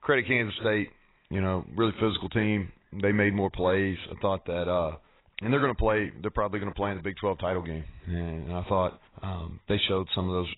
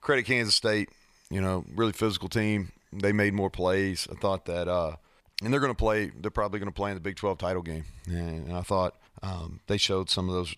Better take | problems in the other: second | garbled, watery; badly; nothing above 4 kHz

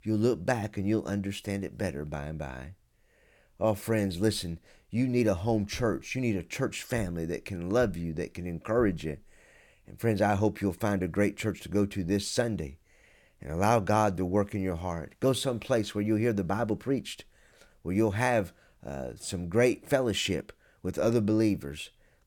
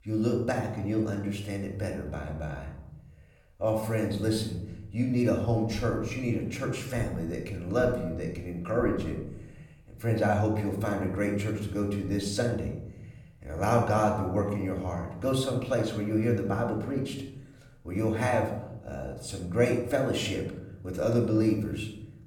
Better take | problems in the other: first | off-mic speech; far // room echo; slight; dies away in 0.9 s

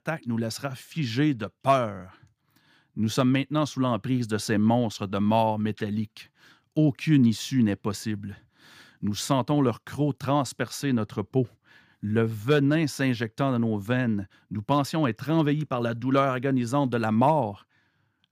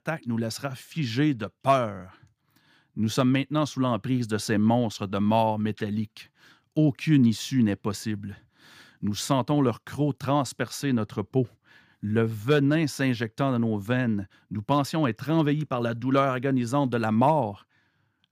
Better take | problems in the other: neither | none

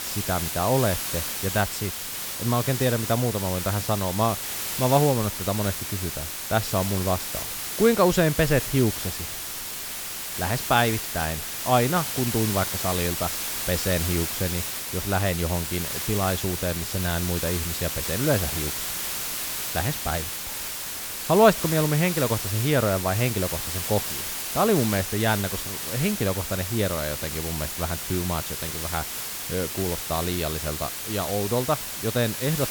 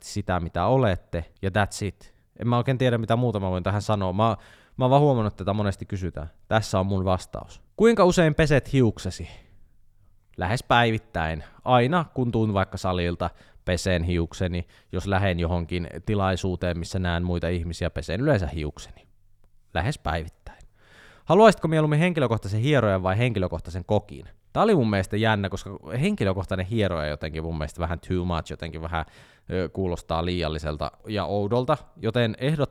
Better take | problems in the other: second | hiss; loud; throughout; 3 dB below the speech

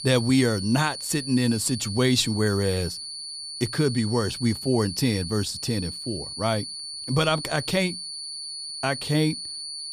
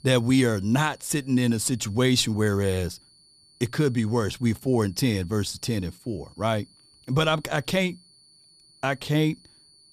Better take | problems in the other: second | high-pitched whine; loud; throughout; 4.5 kHz, 8 dB below the speech; faint in the second

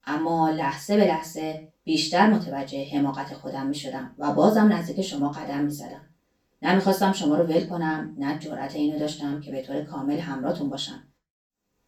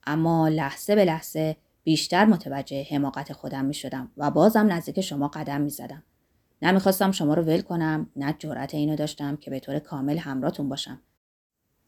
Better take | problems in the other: second | room echo; slight; dies away in 0.2 s // off-mic speech; far

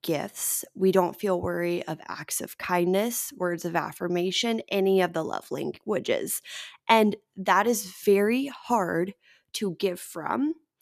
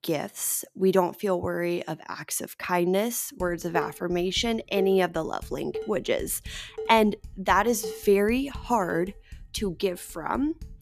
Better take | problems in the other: first | clattering dishes; noticeable; from 3.5 s on; peak 8 dB below the speech

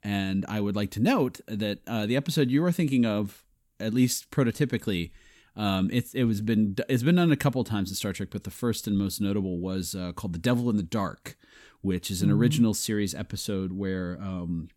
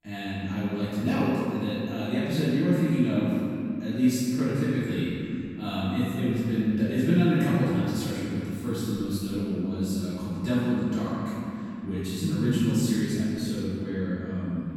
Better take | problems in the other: first | off-mic speech; far // room echo; strong; dies away in 2.9 s

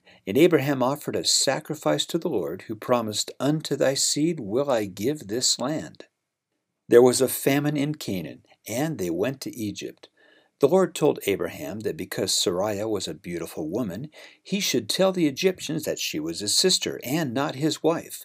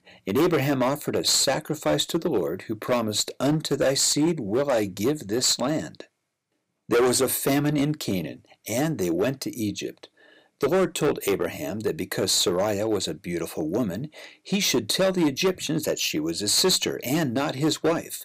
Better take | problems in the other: first | distortion; heavy; 7% of the sound clipped

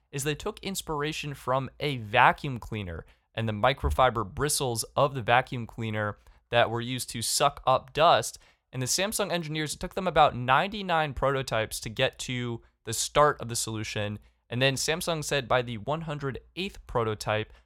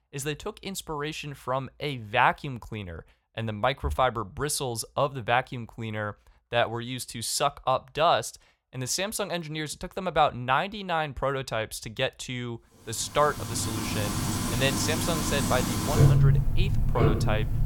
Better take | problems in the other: first | household noises; very loud; from 13 s on; 3 dB above the speech

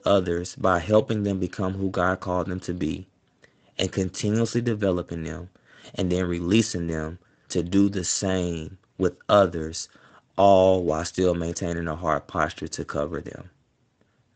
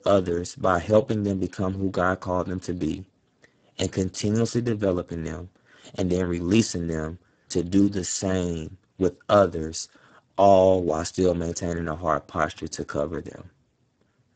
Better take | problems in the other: first | garbled, watery; badly; nothing above 7.5 kHz; slightly in the first

